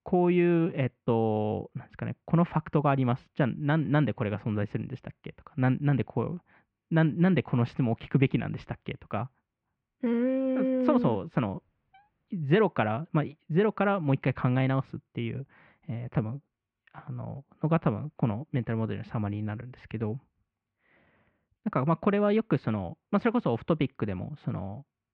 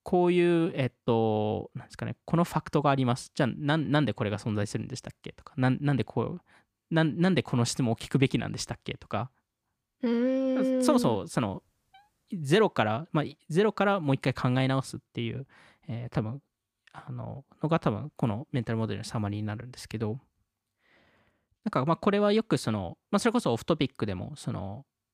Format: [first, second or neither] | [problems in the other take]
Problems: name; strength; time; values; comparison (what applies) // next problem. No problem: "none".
second | muffled; very; fading above 2.5 kHz